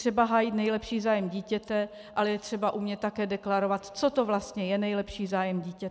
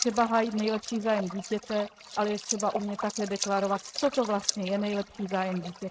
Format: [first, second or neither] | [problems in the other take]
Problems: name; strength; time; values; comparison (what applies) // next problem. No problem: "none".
first | noise reduction (neural mask model RNNoise)